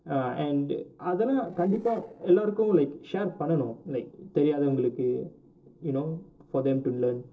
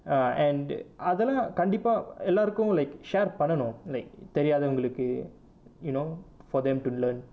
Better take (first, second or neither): second